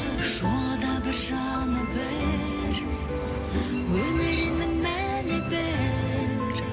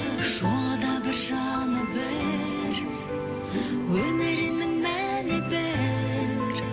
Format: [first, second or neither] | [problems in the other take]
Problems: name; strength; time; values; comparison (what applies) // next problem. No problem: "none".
second | background sound (Train); 6 dB below the speech